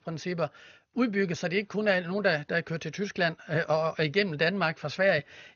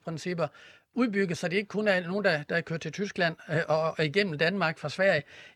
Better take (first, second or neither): second